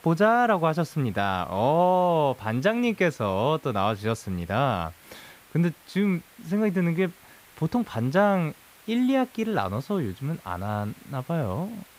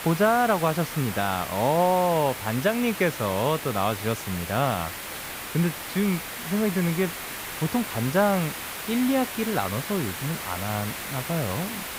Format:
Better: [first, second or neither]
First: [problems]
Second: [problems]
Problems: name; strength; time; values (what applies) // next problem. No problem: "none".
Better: first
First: hiss; faint; throughout; 25 dB below the speech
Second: hiss; loud; throughout; 7 dB below the speech